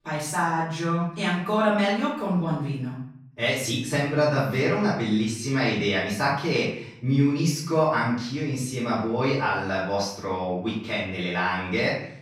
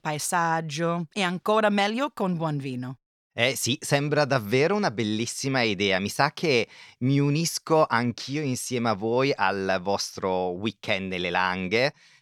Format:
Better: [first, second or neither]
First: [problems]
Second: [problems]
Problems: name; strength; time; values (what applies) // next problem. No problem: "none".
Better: second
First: off-mic speech; far // room echo; noticeable; dies away in 0.7 s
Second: none